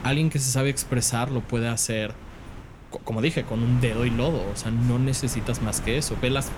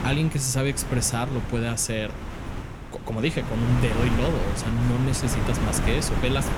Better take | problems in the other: first | wind noise on the microphone; heavy; 5 dB below the speech; occasional gusts in the first

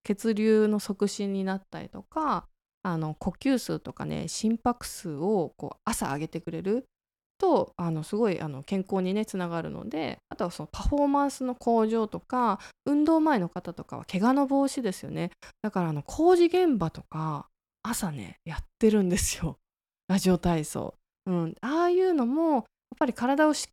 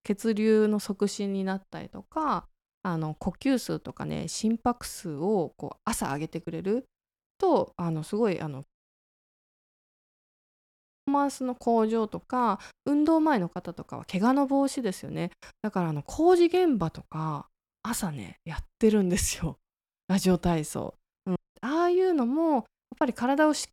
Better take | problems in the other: first | audio cutting out; at 8.5 s for 2.5 s and at 21 s

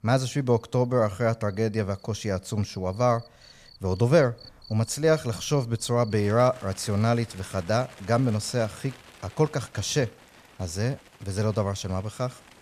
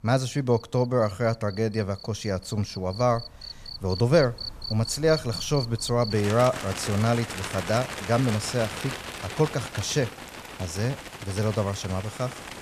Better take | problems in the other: first | animal sounds; loud; throughout; 10 dB below the speech; faint in the first

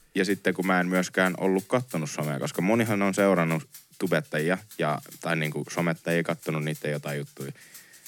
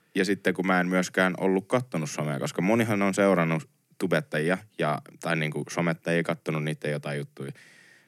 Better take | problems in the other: second | background music; faint; throughout; 20 dB below the speech

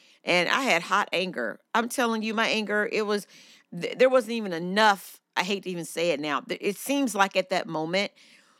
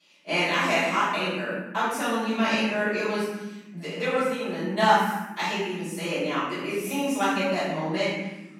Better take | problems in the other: first | off-mic speech; far // room echo; strong; dies away in 1.1 s

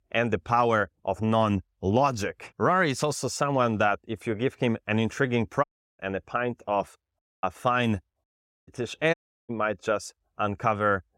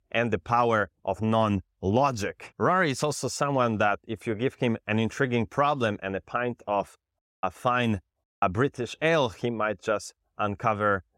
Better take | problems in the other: second | audio cutting out; at 5.5 s, at 8.5 s and at 9 s

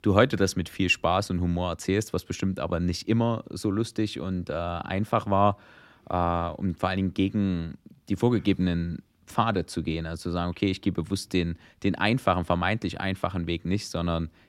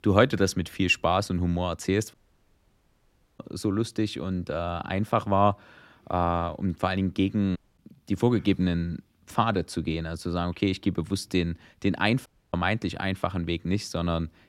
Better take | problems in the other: first | audio cutting out; at 2 s for 1.5 s, at 7.5 s and at 12 s

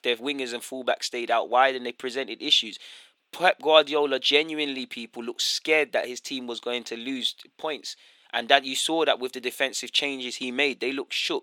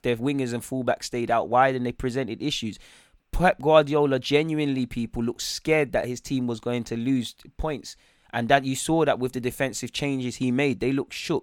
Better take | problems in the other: second | thin; somewhat; fading below 350 Hz

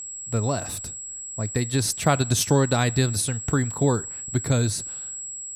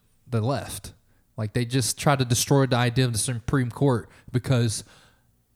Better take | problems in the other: second | high-pitched whine; loud; throughout; 7.5 kHz, 8 dB below the speech

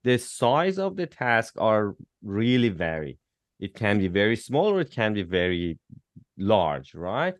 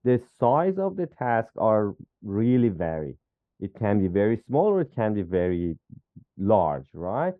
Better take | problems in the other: first | muffled; very; fading above 2 kHz

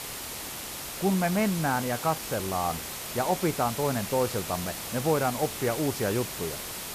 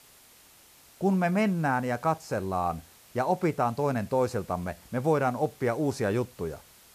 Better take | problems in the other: second | hiss; loud; throughout; 5 dB below the speech; faint in the second

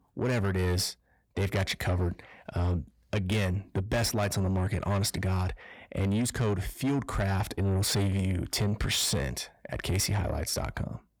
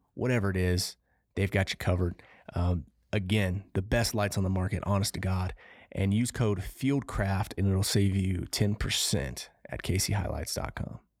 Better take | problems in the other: second | distortion; slight; 10 dB below the speech

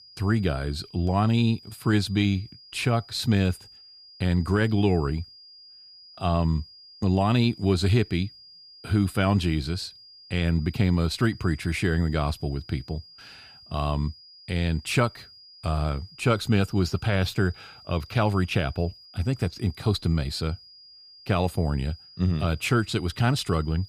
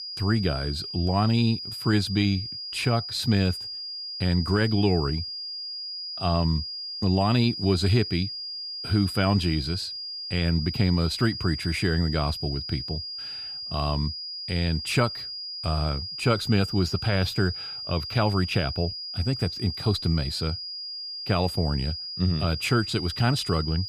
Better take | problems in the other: first | high-pitched whine; loud; throughout; 5 kHz, 6 dB below the speech; faint in the first

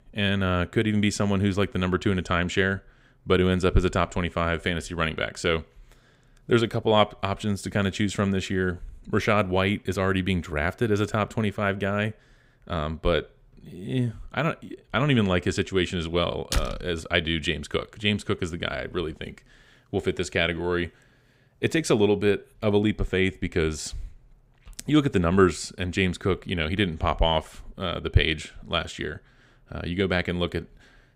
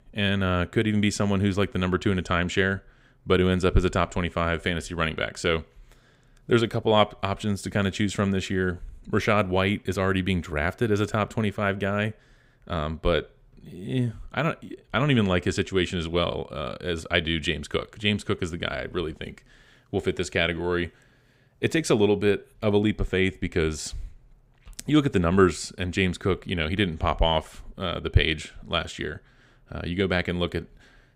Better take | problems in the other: second | door banging; noticeable; at 17 s; peak 5 dB below the speech

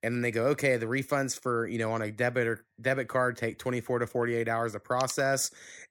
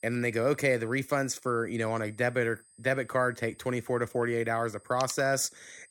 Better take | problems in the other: first | high-pitched whine; faint; throughout; 8 kHz, 30 dB below the speech

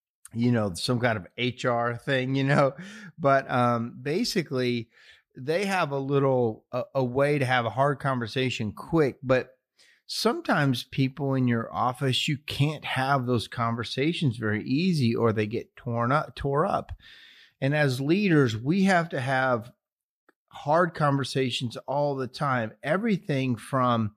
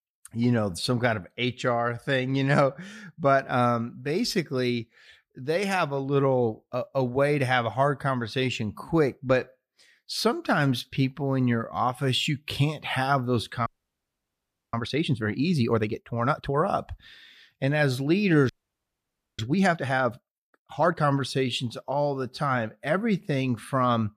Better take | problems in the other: first | audio freezing; at 14 s for 1 s and at 18 s for 1 s

